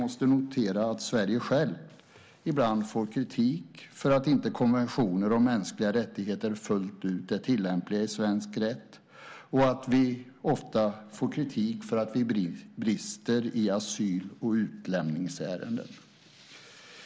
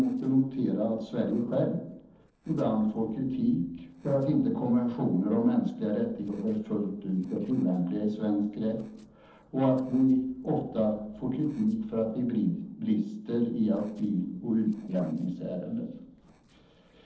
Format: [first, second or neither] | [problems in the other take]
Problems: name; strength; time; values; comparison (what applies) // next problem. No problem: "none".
first | noise reduction (neural separator model SepFormer DNS4)